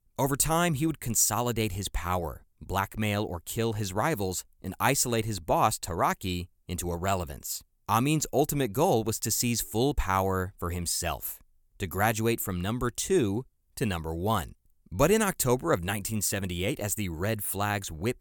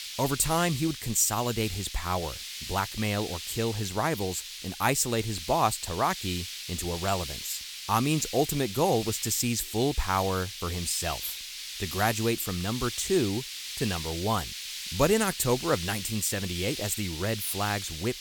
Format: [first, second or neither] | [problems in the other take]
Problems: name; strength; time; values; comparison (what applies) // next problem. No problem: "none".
first | hiss; loud; throughout; 7 dB below the speech